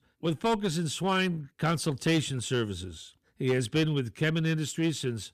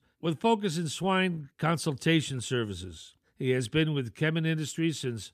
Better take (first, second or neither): second